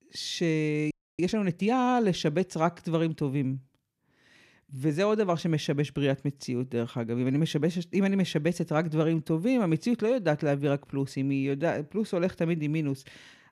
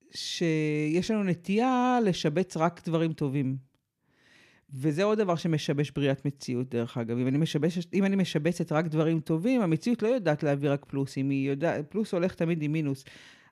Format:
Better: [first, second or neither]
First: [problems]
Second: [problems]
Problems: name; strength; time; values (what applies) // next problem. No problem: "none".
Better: second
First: audio freezing; at 1 s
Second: none